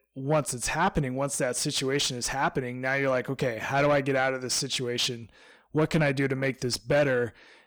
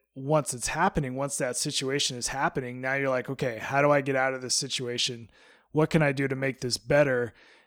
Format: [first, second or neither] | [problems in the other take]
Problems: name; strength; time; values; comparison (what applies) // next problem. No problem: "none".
second | distortion; slight; 10 dB below the speech